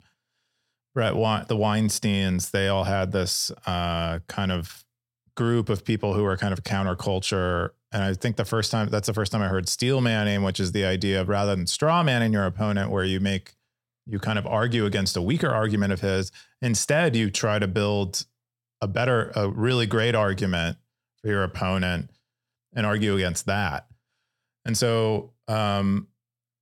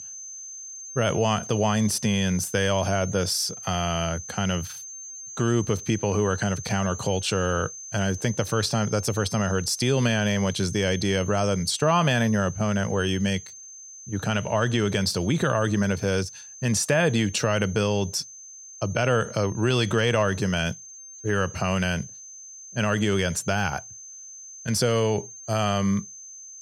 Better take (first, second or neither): first